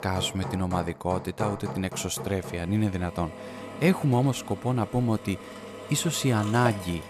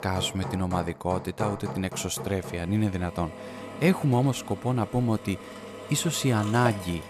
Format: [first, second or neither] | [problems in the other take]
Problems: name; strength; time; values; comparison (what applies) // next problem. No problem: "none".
neither | machinery noise; noticeable; throughout; 10 dB below the speech; the same in both